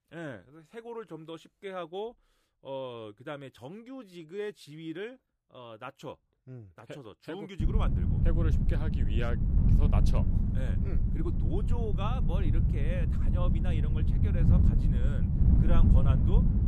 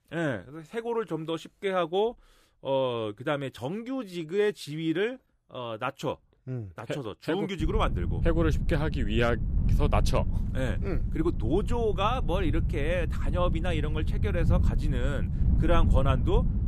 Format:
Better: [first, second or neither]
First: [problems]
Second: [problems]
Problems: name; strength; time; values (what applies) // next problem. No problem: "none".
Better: second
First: wind noise on the microphone; heavy; from 7.5 s on; as loud as the speech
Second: wind noise on the microphone; occasional gusts; from 7.5 s on; 10 dB below the speech